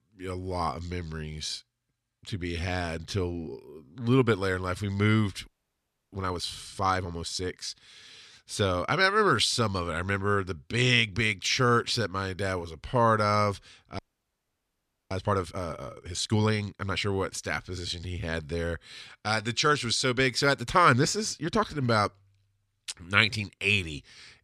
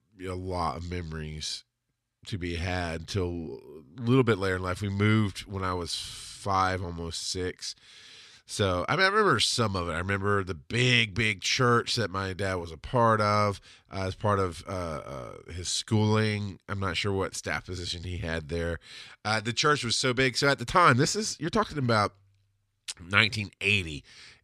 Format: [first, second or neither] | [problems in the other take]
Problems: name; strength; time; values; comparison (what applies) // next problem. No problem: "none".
second | audio freezing; at 5.5 s for 0.5 s and at 14 s for 1 s